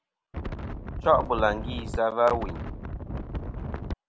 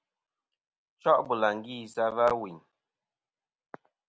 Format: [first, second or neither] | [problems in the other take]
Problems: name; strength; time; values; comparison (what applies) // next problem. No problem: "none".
second | background sound (Wind); 5 dB below the speech